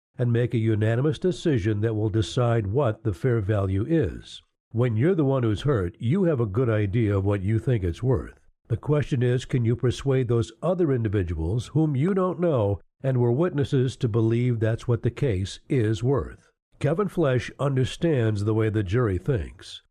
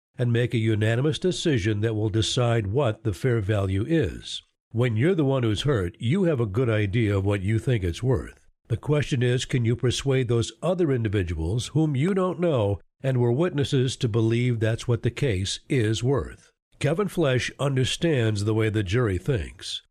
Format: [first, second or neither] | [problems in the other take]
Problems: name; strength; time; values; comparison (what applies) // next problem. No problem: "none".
second | muffled; slightly; fading above 1.5 kHz